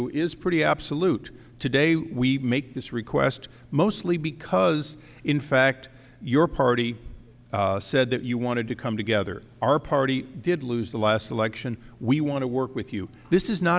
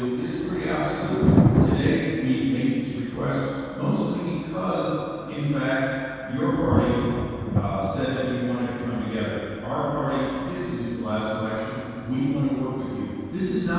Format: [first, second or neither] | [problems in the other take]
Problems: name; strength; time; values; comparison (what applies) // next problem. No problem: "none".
first | background sound (Thunder); 3 dB below the speech // room echo; dies away in 2.1 s